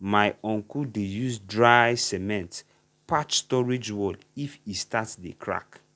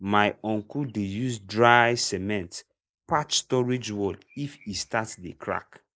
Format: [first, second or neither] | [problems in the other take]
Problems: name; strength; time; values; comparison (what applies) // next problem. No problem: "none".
first | noise reduction (neural mask model Resemble Enhance denoiser)